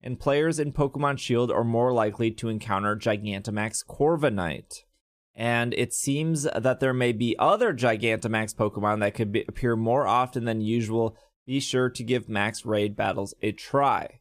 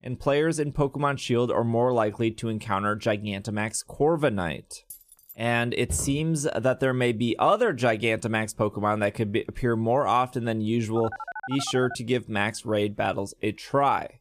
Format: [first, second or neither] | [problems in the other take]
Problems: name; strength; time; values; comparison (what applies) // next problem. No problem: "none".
first | jangling keys; faint; at 5 s; peak 20 dB below the speech // footsteps; noticeable; at 6 s; peak 10 dB below the speech // phone ringing; faint; at 11 s; peak 10 dB below the speech